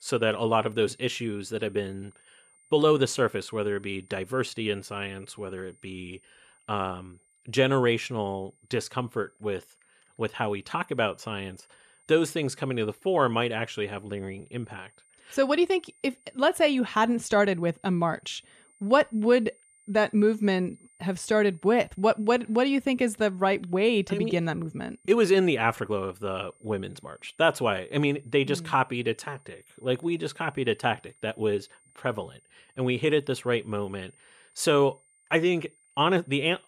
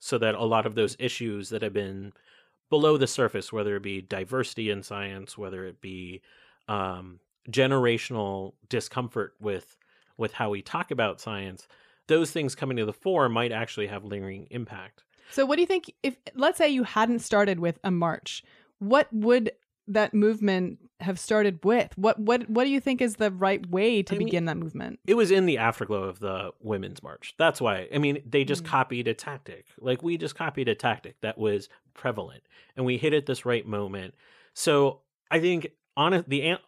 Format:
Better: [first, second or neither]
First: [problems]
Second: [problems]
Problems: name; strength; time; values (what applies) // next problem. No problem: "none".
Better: second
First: high-pitched whine; faint; throughout; 9 kHz, 35 dB below the speech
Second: none